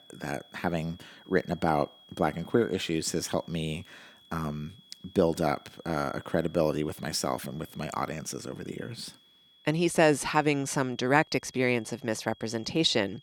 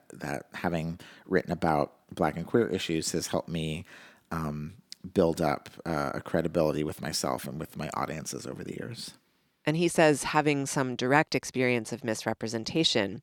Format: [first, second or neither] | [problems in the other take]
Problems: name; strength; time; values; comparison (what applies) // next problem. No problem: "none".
second | high-pitched whine; faint; throughout; 3.5 kHz, 25 dB below the speech